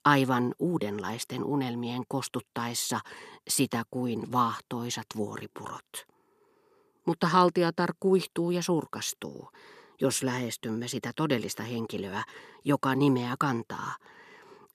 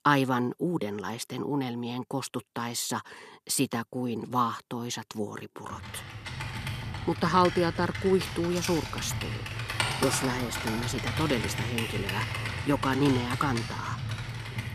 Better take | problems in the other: first | keyboard typing; loud; from 5.5 s on; peak 2 dB above the speech

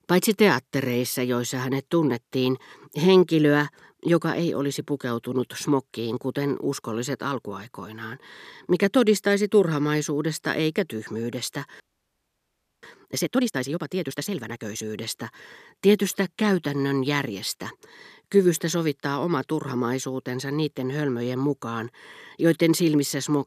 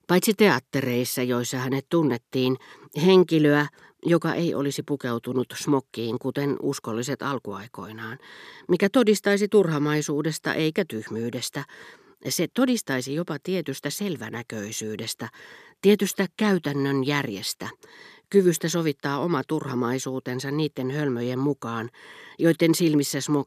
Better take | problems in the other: second | audio freezing; at 12 s for 1 s

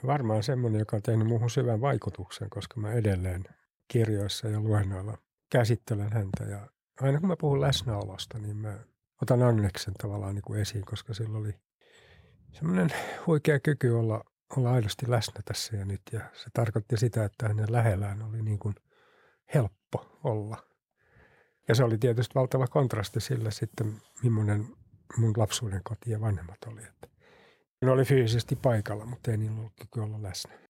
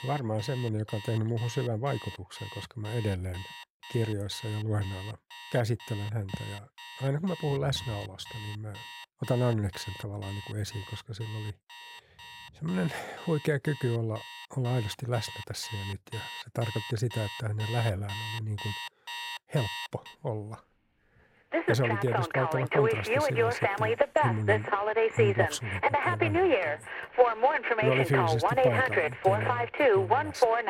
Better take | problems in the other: first | alarms or sirens; very loud; throughout; 4 dB above the speech

